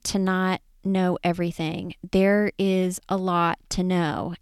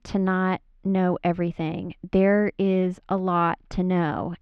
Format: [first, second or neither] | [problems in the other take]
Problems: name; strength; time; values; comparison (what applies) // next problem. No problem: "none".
first | muffled; very; fading above 2 kHz